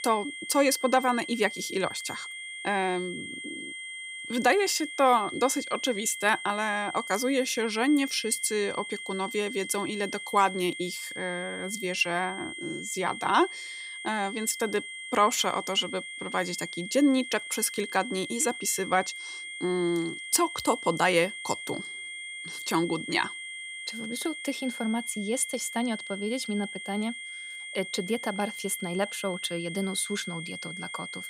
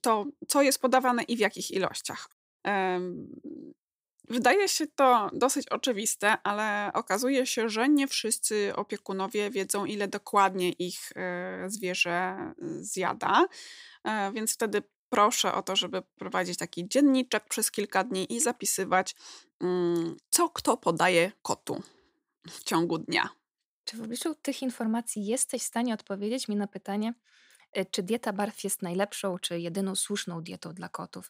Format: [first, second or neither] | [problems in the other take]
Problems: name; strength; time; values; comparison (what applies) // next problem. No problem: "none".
second | high-pitched whine; loud; throughout; 2 kHz, 9 dB below the speech